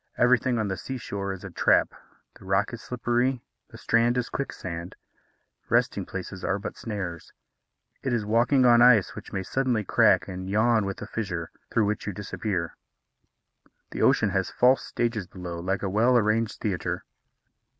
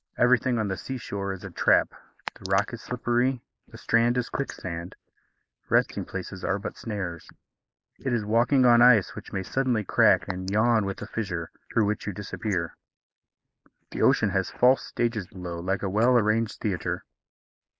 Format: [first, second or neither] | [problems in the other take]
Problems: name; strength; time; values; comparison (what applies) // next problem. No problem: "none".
first | noise reduction (neural mask model Resemble Enhance denoiser)